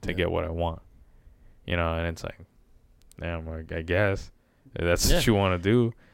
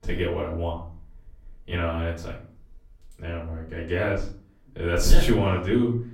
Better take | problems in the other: first | room echo; slight; dies away in 0.4 s // off-mic speech; far

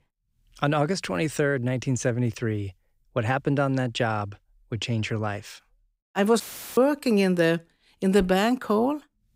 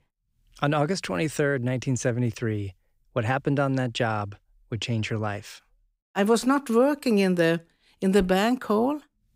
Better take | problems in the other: second | audio cutting out; filled with static; at 6.5 s

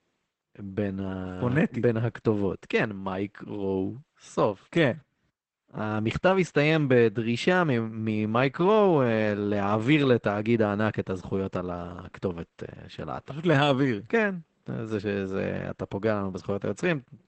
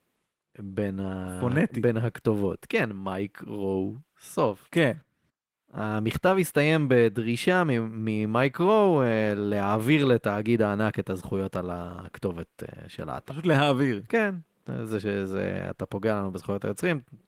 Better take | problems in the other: second | garbled, watery; badly; nothing above 8 kHz; slightly in the second

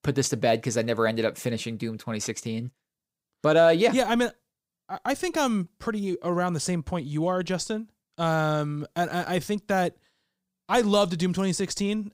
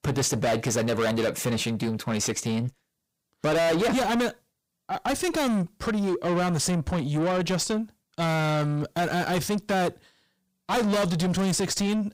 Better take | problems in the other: first | distortion; heavy; 6 dB below the speech

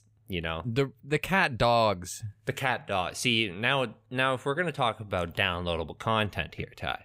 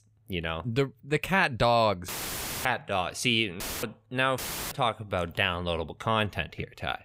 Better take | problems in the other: first | audio cutting out; filled with static; at 2 s for 0.5 s, at 3.5 s and at 4.5 s

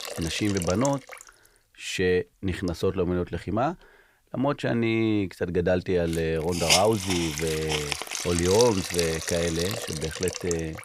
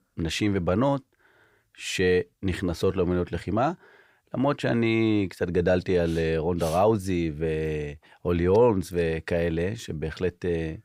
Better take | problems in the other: second | hiss; loud; throughout; 3 dB below the speech

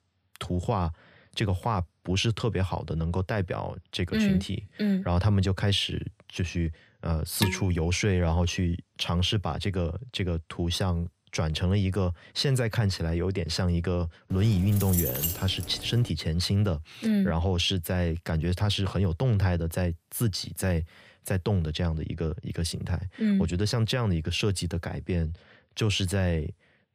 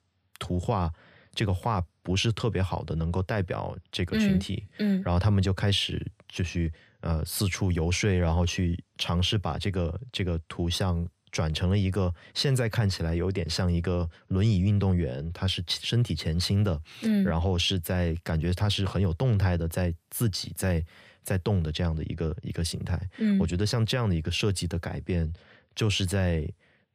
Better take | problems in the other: second | clattering dishes; noticeable; at 7.5 s; peak 3 dB below the speech // jangling keys; loud; from 14 to 16 s; peak 1 dB above the speech

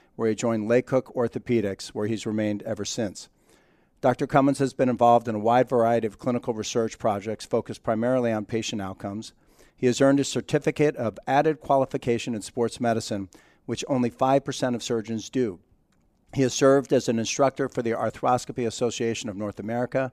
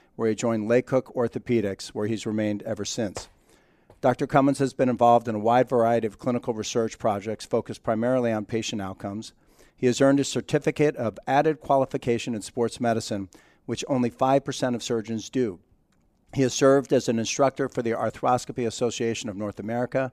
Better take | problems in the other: first | door banging; faint; at 3 s; peak 20 dB below the speech

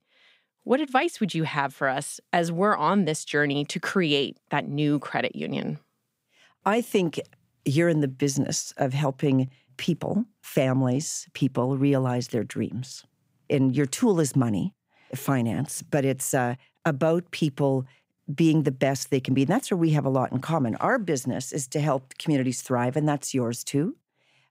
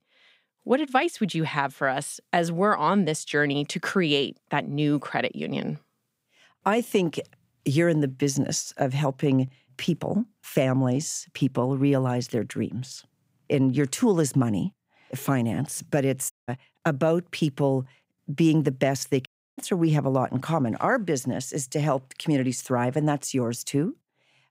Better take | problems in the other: first | audio cutting out; at 16 s and at 19 s

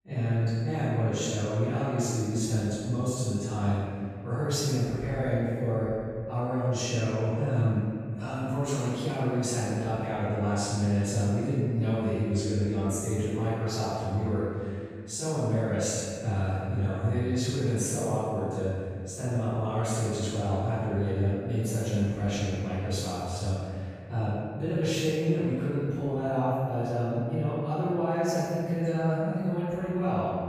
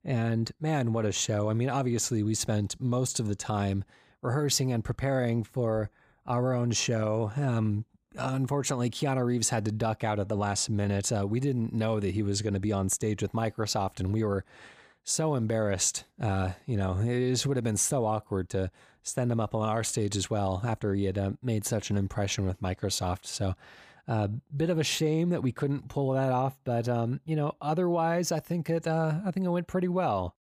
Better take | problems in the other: second | off-mic speech; far // room echo; strong; dies away in 2 s

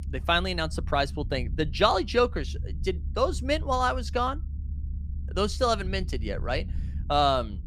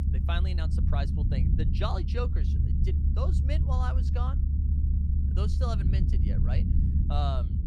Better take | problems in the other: first | low rumble; loud; throughout; 4 dB below the speech; faint in the first

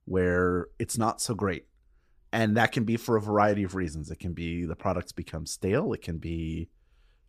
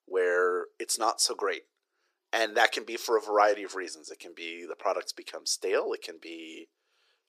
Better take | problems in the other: first | thin; very; fading below 350 Hz

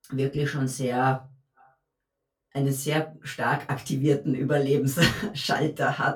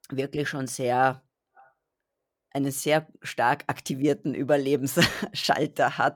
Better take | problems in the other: second | off-mic speech; far // room echo; very slight; dies away in 0.2 s

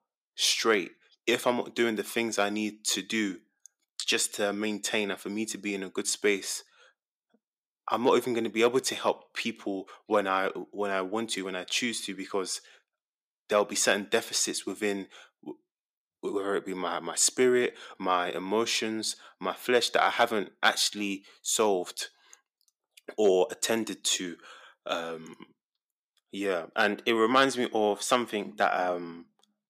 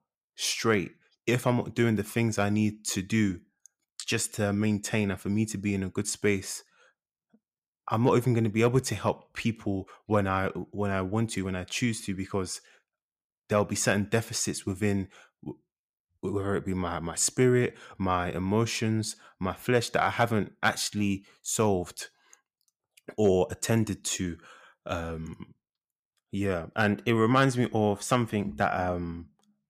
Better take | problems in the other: second | thin; somewhat; fading below 300 Hz

